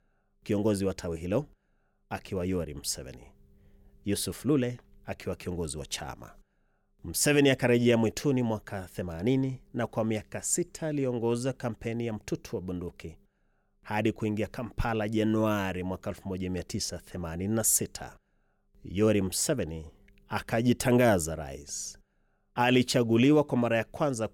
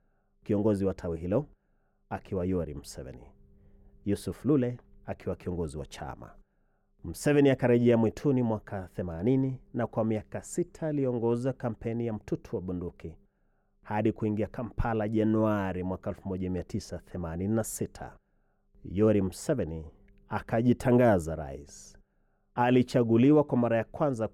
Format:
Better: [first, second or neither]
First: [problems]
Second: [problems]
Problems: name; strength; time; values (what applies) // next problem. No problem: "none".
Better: first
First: none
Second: muffled; slightly; fading above 2 kHz